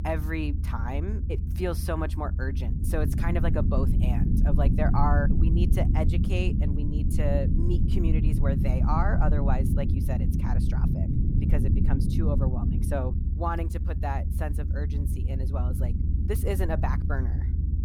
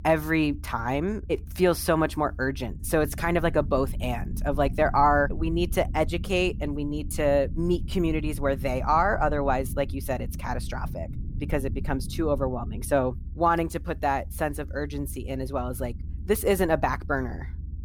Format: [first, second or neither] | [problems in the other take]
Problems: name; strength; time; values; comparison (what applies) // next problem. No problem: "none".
second | low rumble; loud; throughout; 5 dB below the speech; faint in the second